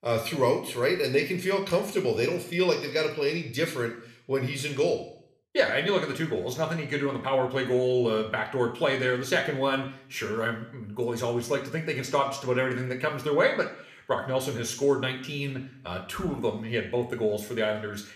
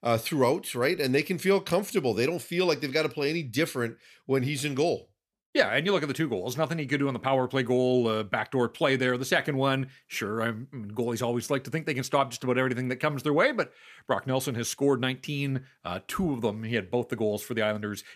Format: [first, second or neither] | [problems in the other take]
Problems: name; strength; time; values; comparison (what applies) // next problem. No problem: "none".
second | room echo; slight; dies away in 0.6 s